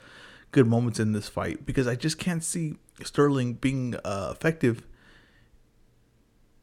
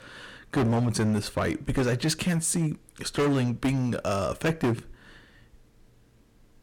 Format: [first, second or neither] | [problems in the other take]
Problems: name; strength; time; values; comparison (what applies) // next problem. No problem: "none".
first | distortion; heavy; 11% of the sound clipped